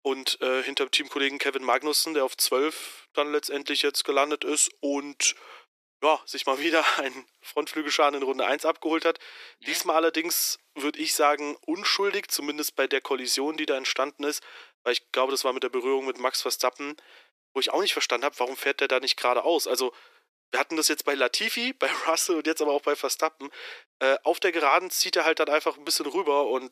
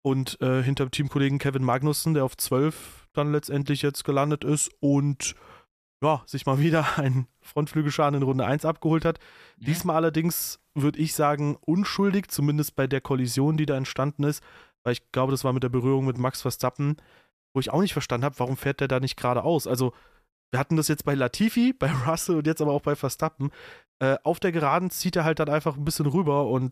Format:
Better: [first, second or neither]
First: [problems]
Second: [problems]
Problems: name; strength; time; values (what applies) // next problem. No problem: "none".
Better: second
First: thin; very; fading below 350 Hz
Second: none